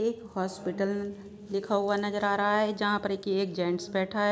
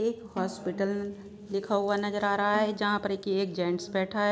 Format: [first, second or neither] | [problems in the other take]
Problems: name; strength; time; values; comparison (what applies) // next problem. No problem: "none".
first | background sound (Snare drum); 18 dB below the speech